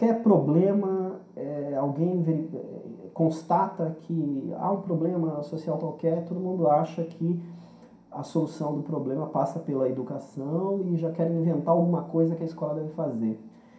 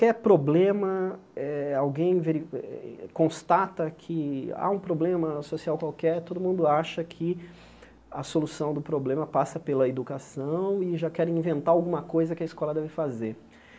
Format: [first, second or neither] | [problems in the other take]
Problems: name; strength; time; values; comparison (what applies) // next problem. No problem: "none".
second | room echo; dies away in 0.5 s